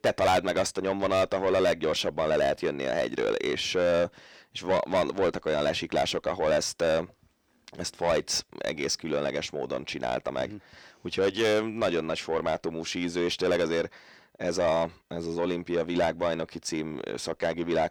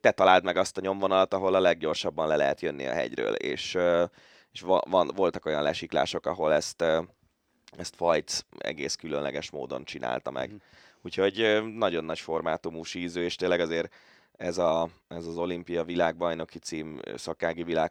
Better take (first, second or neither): second